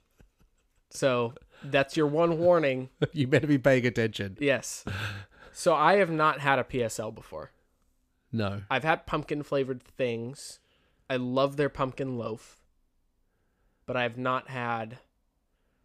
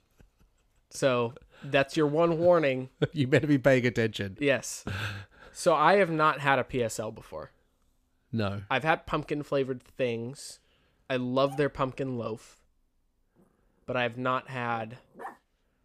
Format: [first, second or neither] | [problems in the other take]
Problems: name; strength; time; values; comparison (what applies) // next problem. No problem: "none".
first | animal sounds; faint; throughout; 25 dB below the speech